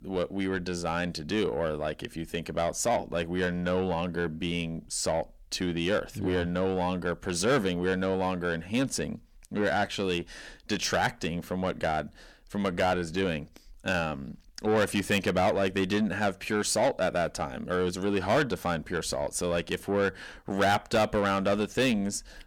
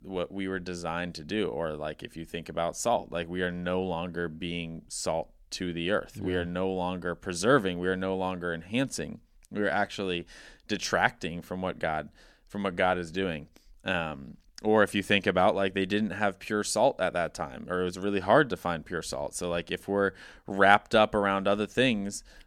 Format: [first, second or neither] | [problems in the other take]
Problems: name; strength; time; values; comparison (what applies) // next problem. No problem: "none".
second | distortion; heavy; 8 dB below the speech